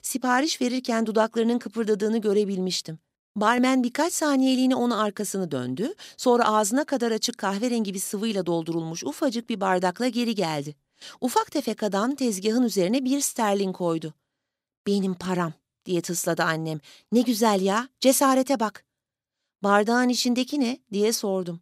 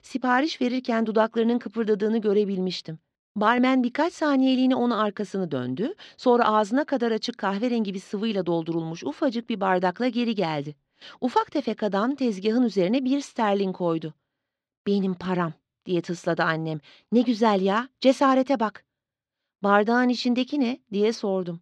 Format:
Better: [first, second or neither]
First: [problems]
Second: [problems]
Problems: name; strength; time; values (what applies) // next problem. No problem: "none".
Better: first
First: none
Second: muffled; slightly; fading above 4 kHz